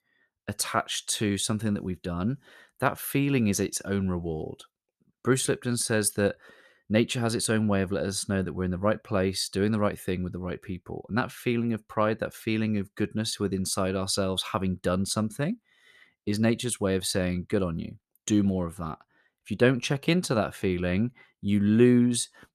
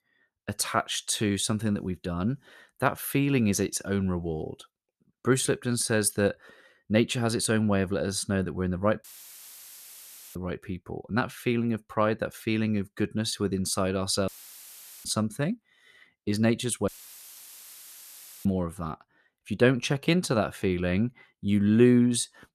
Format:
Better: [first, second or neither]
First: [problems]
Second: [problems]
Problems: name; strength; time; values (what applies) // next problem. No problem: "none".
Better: first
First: none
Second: audio cutting out; filled with static; at 9 s for 1.5 s, at 14 s for 1 s and at 17 s for 1.5 s